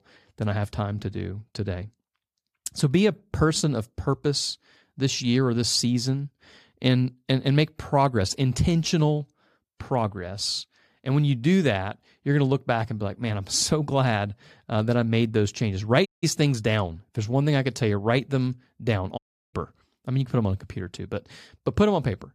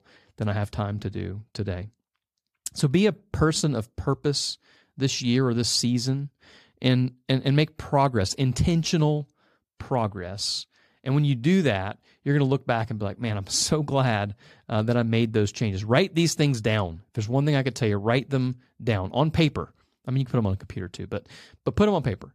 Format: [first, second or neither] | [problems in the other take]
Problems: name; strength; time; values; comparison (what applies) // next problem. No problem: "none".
second | audio cutting out; at 16 s and at 19 s